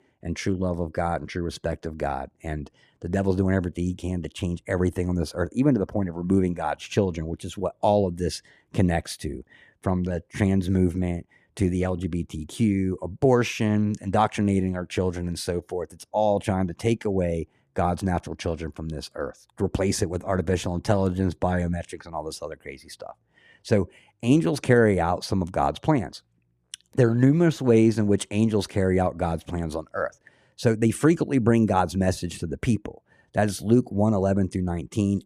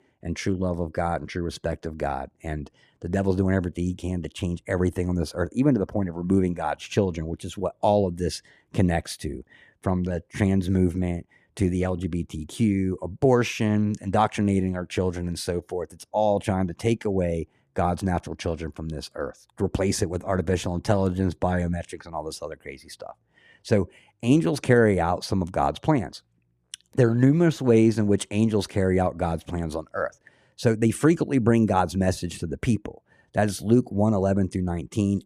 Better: neither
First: none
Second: none

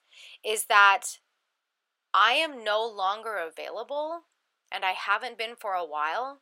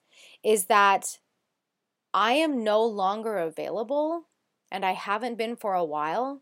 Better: second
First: thin; very; fading below 600 Hz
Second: none

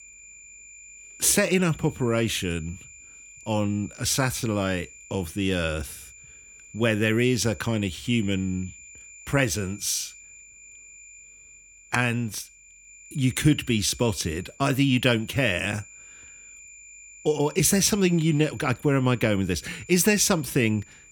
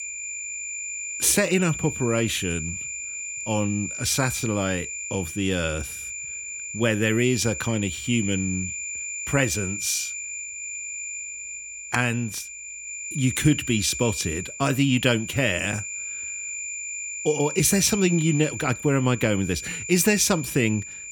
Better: first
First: high-pitched whine; faint; throughout; 7 kHz, 20 dB below the speech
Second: high-pitched whine; loud; throughout; 7 kHz, 7 dB below the speech

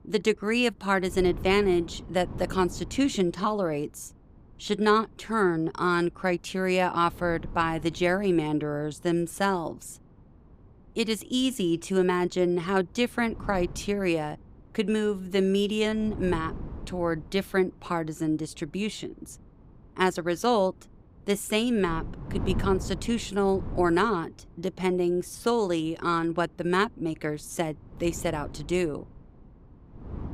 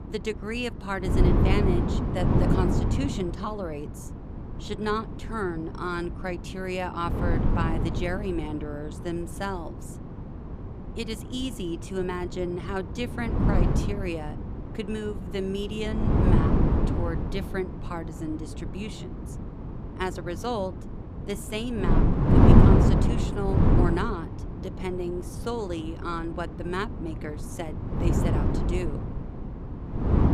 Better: first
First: wind noise on the microphone; occasional gusts; 20 dB below the speech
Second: wind noise on the microphone; heavy; as loud as the speech

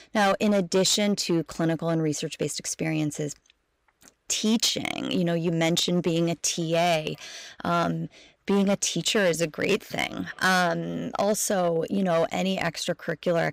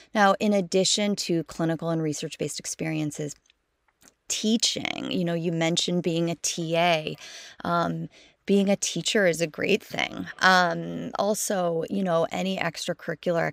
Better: second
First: distortion; slight; 5% of the sound clipped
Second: none

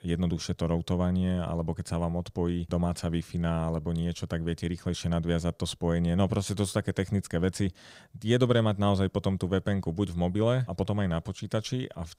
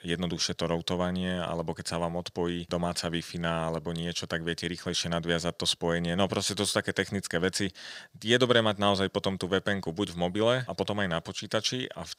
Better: first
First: none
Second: thin; somewhat; fading below 800 Hz

